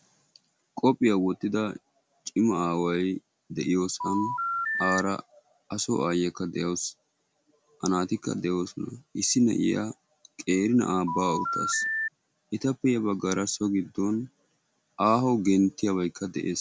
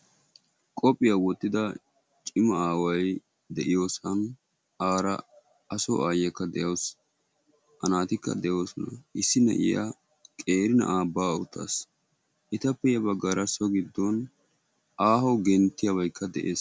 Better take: second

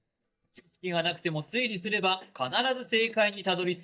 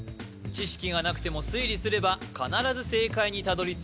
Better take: second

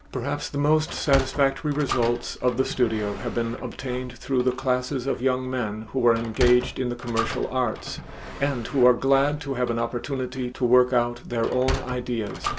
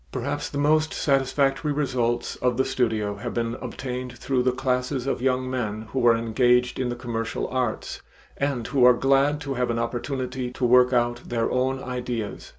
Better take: second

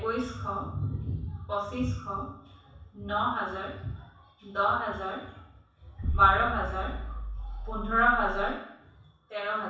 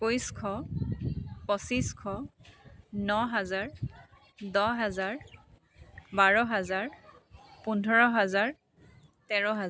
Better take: second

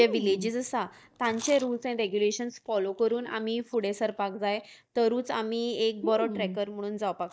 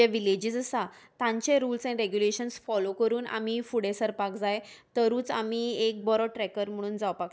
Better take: second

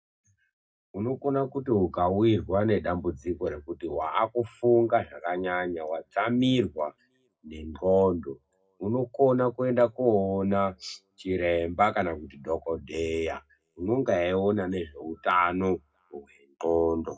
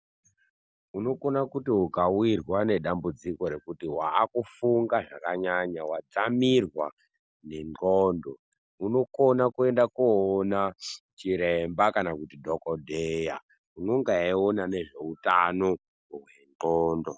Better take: second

